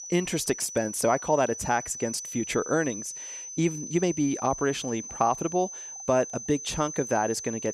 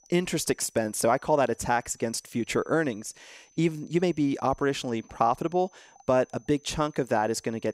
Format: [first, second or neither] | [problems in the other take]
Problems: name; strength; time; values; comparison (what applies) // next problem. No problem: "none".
second | high-pitched whine; loud; throughout; 6 kHz, 9 dB below the speech; faint in the second